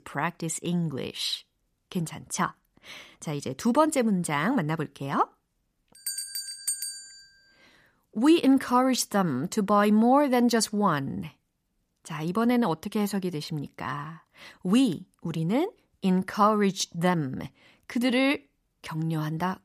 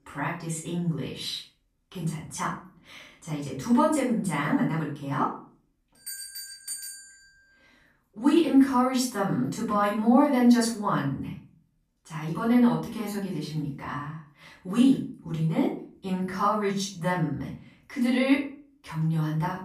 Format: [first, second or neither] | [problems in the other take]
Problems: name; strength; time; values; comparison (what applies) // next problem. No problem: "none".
first | off-mic speech; far // room echo; noticeable; dies away in 0.4 s